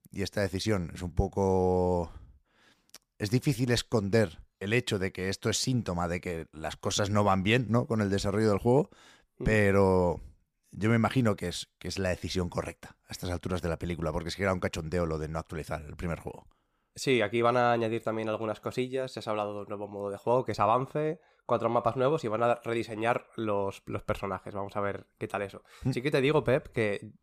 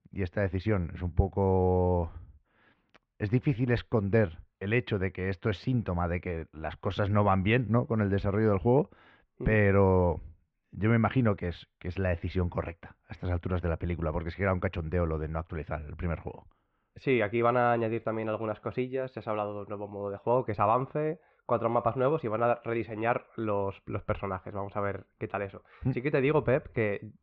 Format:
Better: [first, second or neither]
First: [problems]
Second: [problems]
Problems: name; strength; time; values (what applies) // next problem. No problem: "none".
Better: first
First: none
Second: muffled; very; fading above 2.5 kHz